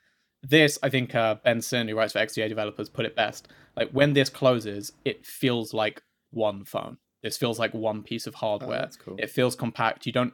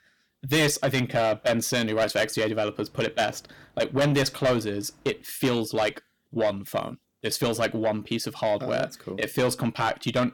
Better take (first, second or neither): first